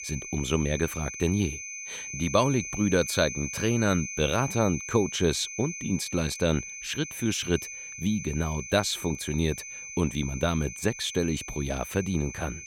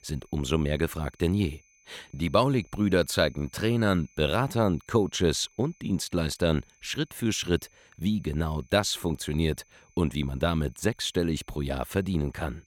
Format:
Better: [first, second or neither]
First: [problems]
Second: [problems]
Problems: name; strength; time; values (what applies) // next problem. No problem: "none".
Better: second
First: high-pitched whine; loud; throughout; 6 kHz, 8 dB below the speech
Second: high-pitched whine; faint; throughout; 6 kHz, 35 dB below the speech